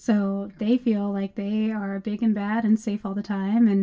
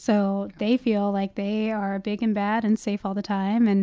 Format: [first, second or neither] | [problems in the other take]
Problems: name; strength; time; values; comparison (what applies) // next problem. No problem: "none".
second | room echo; dies away in 0.1 s